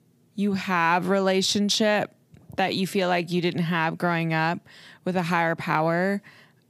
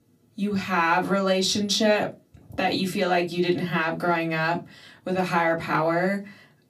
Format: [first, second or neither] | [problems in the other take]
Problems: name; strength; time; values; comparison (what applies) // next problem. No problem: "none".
first | off-mic speech; far // room echo; very slight; dies away in 0.2 s